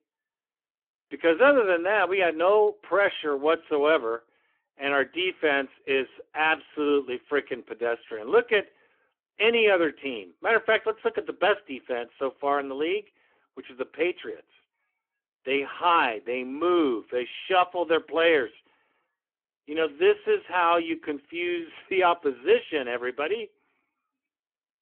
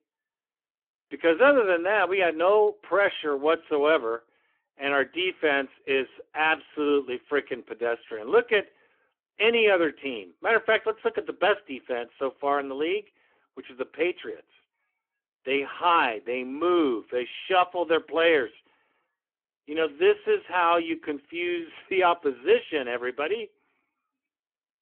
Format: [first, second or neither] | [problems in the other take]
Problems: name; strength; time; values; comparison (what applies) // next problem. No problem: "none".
neither | phone-call audio; nothing above 3 kHz; the same in both